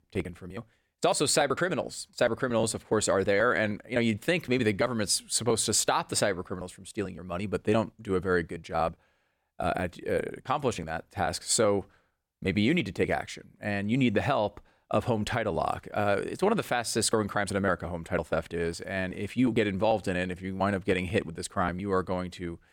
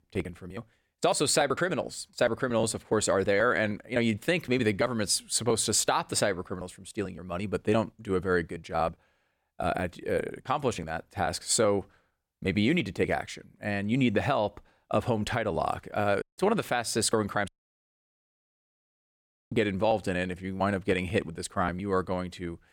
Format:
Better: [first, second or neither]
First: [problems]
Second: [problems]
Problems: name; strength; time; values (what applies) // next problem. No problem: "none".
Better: first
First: none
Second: audio cutting out; at 16 s and at 17 s for 2 s